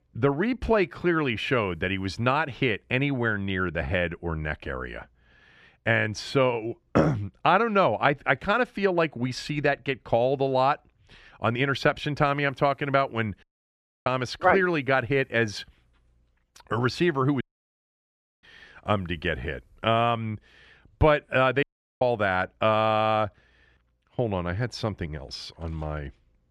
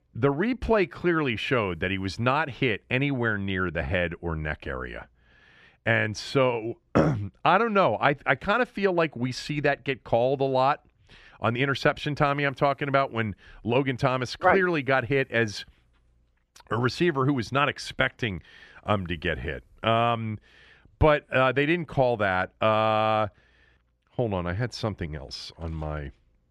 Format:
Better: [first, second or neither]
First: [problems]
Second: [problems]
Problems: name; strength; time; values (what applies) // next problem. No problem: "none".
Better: second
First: audio cutting out; at 13 s for 0.5 s, at 17 s for 1 s and at 22 s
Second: none